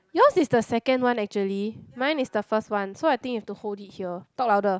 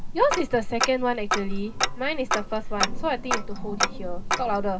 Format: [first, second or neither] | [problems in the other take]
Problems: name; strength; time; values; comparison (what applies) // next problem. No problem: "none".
first | background sound (Tick-tock); as loud as the speech // room echo; dies away in 0.2 s